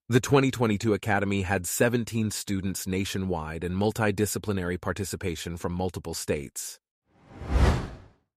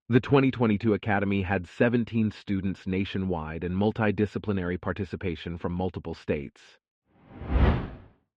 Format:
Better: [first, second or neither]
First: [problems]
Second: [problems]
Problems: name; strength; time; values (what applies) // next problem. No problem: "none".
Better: first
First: none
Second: muffled; very; fading above 3 kHz